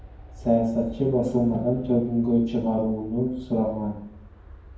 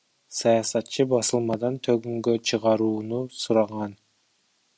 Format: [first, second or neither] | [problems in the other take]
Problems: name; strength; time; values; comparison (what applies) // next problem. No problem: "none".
second | background sound (Aircraft); 19 dB below the speech // room echo; dies away in 0.9 s